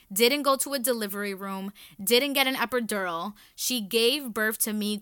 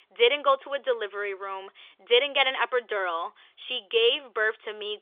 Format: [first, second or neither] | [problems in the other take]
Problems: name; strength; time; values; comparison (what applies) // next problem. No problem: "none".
first | phone-call audio; nothing above 3.5 kHz